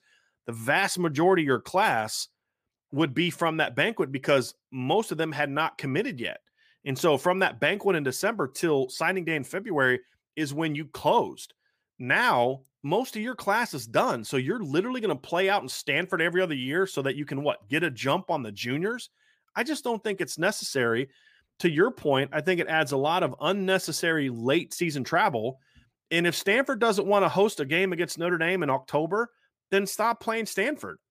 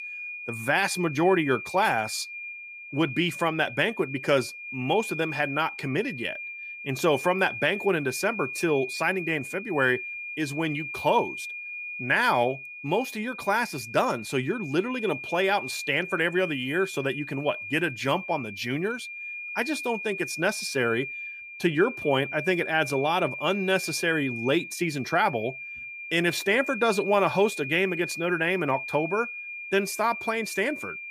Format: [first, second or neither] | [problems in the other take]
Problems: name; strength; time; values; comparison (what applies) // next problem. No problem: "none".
first | high-pitched whine; loud; throughout; 2.5 kHz, 8 dB below the speech